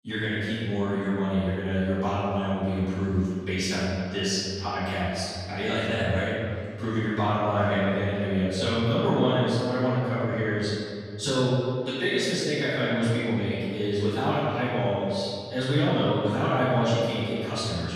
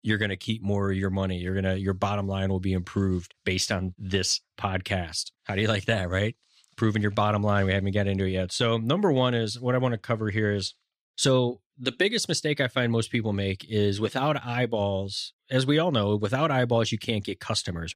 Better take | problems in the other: second | off-mic speech; far // room echo; strong; dies away in 1.9 s

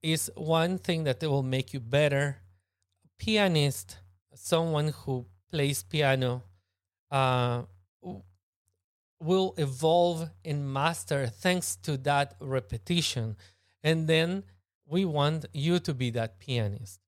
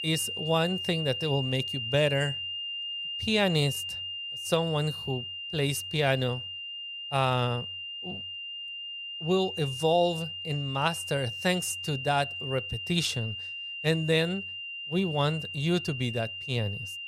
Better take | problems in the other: first | high-pitched whine; loud; throughout; 3 kHz, 5 dB below the speech

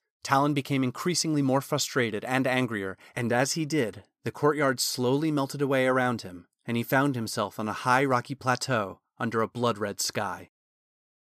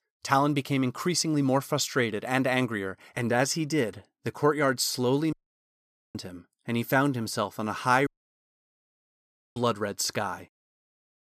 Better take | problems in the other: first | audio cutting out; at 5.5 s for 1 s and at 8 s for 1.5 s

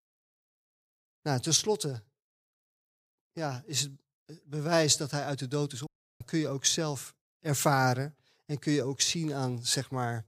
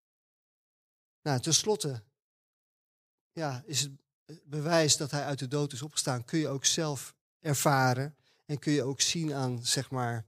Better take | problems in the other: second | audio cutting out; at 6 s

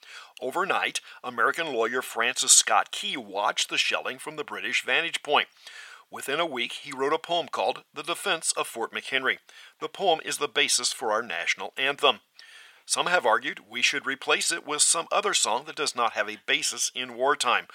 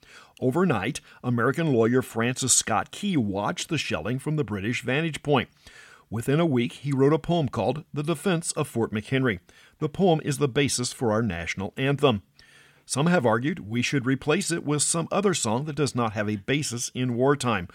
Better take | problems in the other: second | thin; very; fading below 750 Hz

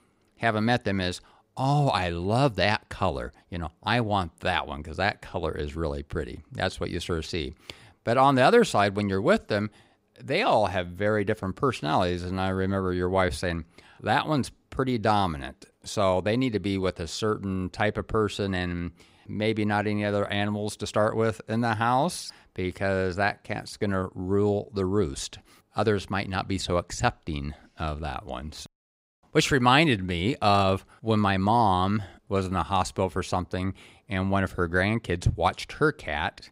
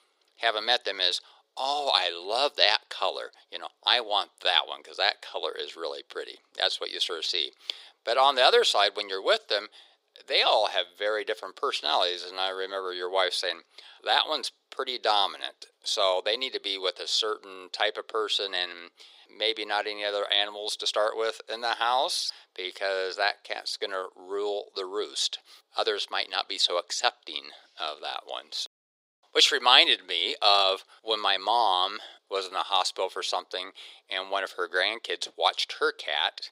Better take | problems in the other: first | thin; very; fading below 400 Hz

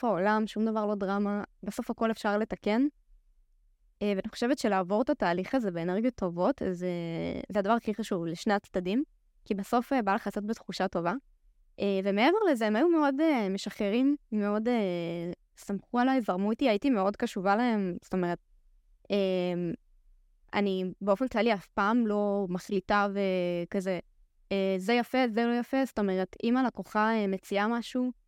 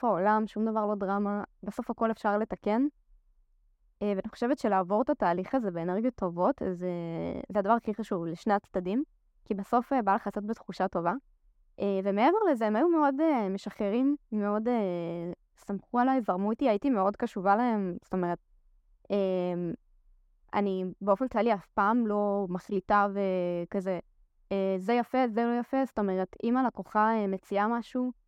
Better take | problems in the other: first | muffled; slightly; fading above 1.5 kHz

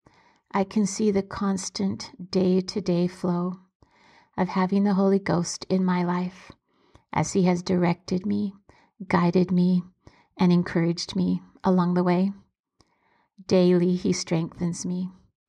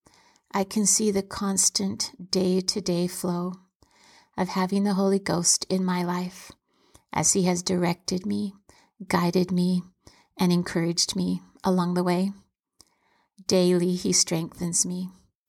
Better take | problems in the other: second | muffled; slightly; fading above 3 kHz

